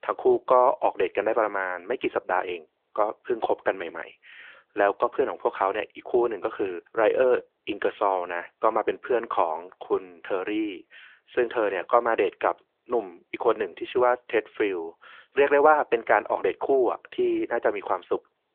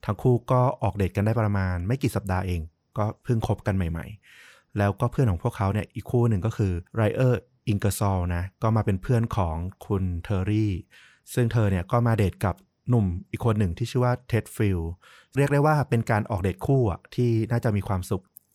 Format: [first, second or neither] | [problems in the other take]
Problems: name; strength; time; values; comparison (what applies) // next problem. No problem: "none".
second | phone-call audio